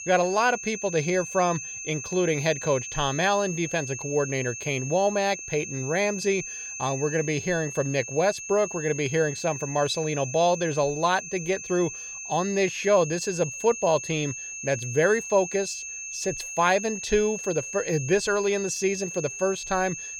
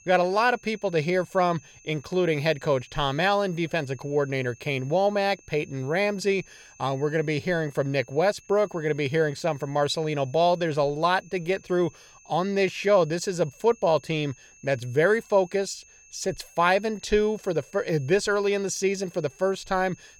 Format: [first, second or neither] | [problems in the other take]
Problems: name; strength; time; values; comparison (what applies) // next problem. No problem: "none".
second | high-pitched whine; loud; throughout; 6.5 kHz, 8 dB below the speech; faint in the second